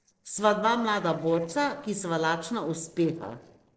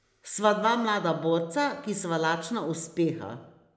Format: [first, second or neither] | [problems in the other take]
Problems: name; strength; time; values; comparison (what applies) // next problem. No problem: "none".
second | noise reduction (neural separator model SepFormer DNS4)